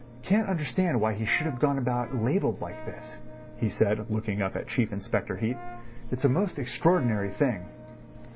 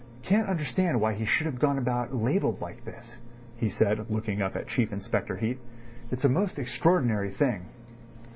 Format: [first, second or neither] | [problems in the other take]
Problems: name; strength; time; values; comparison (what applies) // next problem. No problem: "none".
second | background sound (Brass instrument); 20 dB below the speech